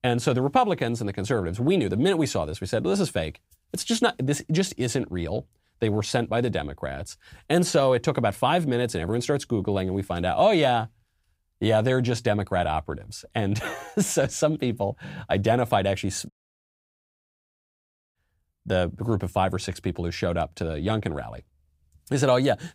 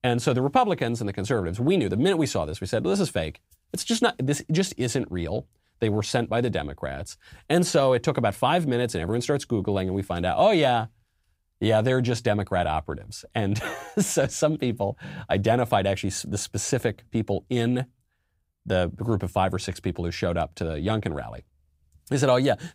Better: second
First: audio cutting out; at 16 s for 2 s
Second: none

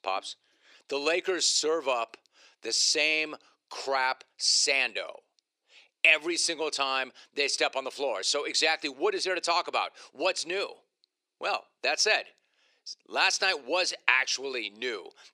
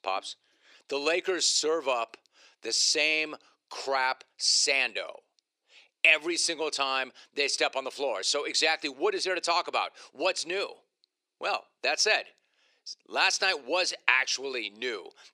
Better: neither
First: thin; somewhat; fading below 350 Hz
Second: thin; somewhat; fading below 350 Hz

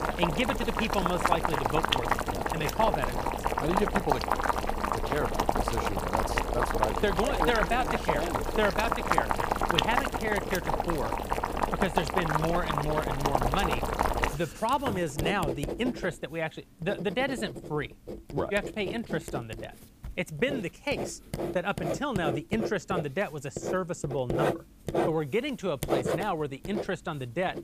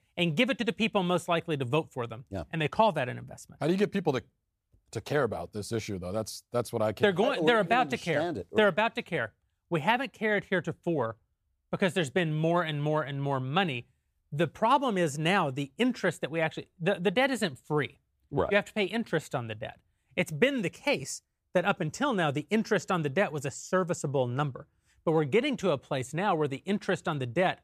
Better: second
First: household noises; very loud; throughout; 1 dB above the speech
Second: none

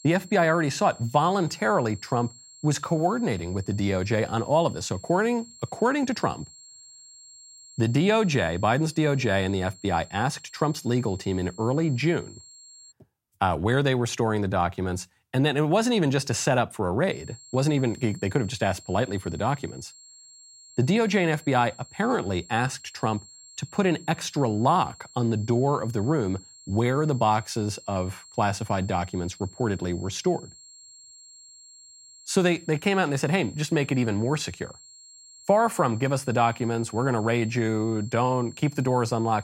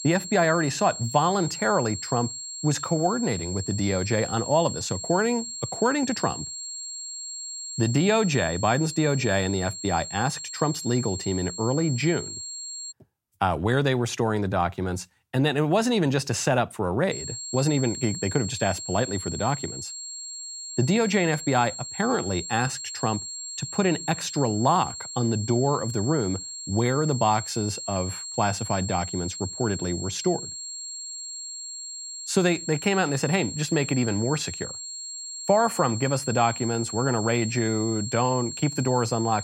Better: first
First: high-pitched whine; faint; until 13 s and from 17 s on; 7.5 kHz, 20 dB below the speech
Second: high-pitched whine; loud; until 13 s and from 17 s on; 7.5 kHz, 8 dB below the speech

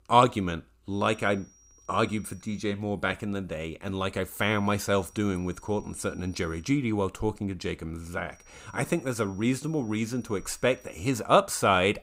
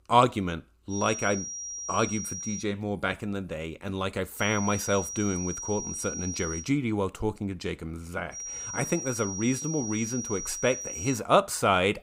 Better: first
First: high-pitched whine; faint; from 1 to 2.5 s, from 4.5 to 6.5 s and from 8.5 to 11 s; 5.5 kHz, 30 dB below the speech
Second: high-pitched whine; loud; from 1 to 2.5 s, from 4.5 to 6.5 s and from 8.5 to 11 s; 5.5 kHz, 5 dB below the speech

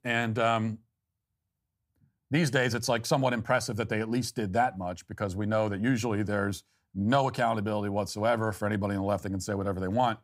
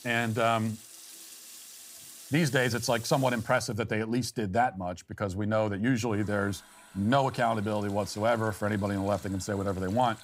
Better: first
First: none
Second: household noises; noticeable; throughout; 20 dB below the speech

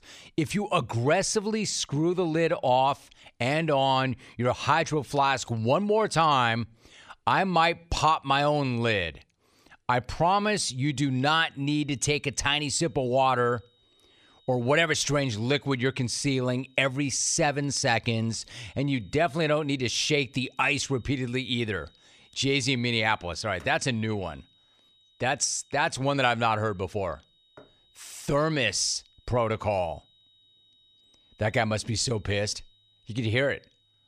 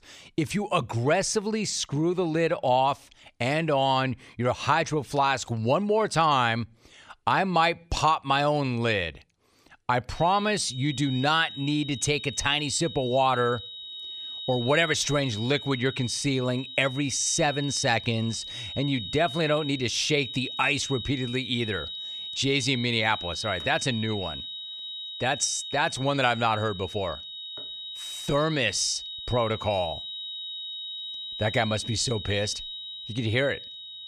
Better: first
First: high-pitched whine; faint; from 10 s on; 4 kHz, 35 dB below the speech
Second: high-pitched whine; loud; from 10 s on; 4 kHz, 9 dB below the speech

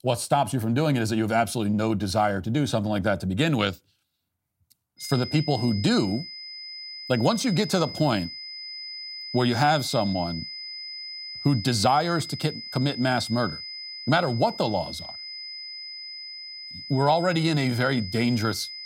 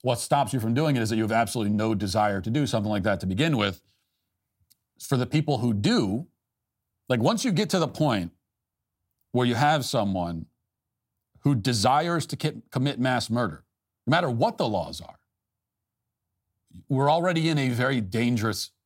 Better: second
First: high-pitched whine; noticeable; from 5 s on; 5 kHz, 10 dB below the speech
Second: none

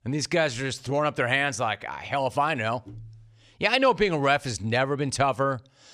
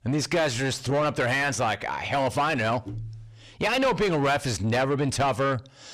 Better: first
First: none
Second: distortion; heavy; 7 dB below the speech

